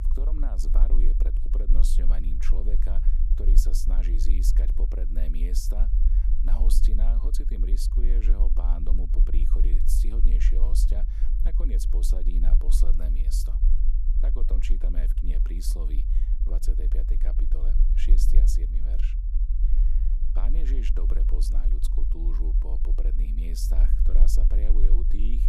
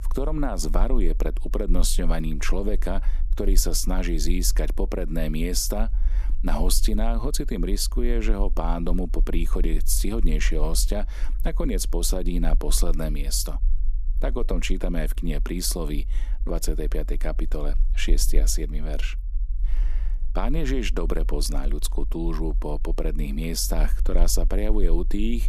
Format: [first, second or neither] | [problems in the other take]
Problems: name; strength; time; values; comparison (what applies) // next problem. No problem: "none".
second | low rumble; loud; throughout; 6 dB below the speech; faint in the second